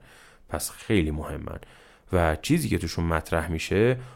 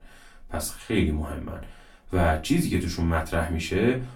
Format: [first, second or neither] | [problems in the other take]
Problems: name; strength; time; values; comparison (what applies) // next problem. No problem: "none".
first | off-mic speech; far // room echo; very slight; dies away in 0.2 s